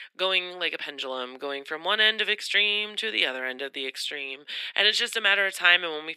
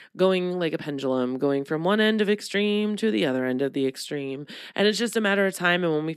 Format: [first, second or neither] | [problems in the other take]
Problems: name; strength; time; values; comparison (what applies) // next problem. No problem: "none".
second | thin; very; fading below 650 Hz